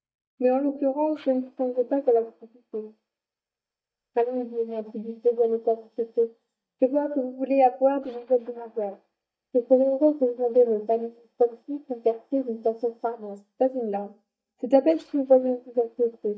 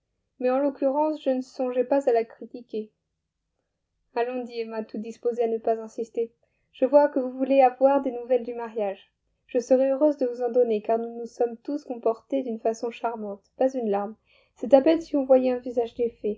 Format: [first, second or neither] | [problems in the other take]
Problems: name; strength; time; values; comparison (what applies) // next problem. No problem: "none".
second | noise reduction (neural mask model DeepFilterNet 3)